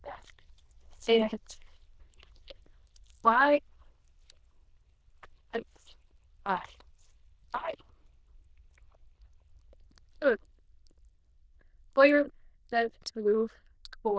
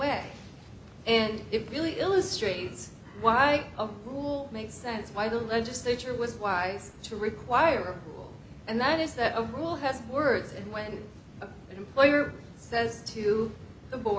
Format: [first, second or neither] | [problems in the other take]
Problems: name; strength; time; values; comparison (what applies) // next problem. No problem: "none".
second | noise reduction (neural diffusion model UNIVERSE++)